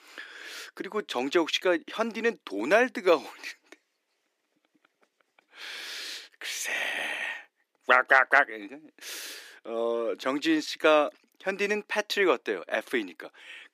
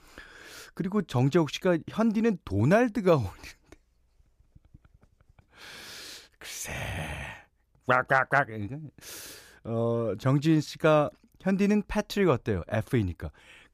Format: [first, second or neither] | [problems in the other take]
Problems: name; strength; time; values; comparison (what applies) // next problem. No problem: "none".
second | thin; somewhat; fading below 300 Hz